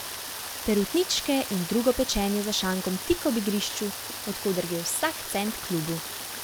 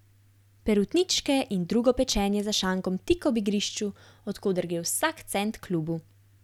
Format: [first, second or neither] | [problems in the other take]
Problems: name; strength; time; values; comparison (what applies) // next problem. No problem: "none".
second | background sound (Rain); 8 dB below the speech